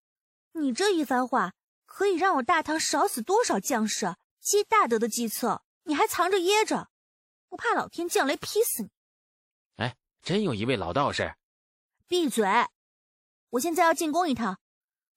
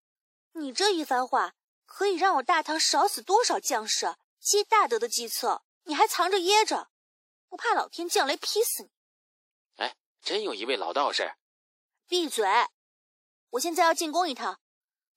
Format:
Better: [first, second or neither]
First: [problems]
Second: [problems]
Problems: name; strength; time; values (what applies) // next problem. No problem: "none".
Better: first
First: none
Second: thin; somewhat; fading below 300 Hz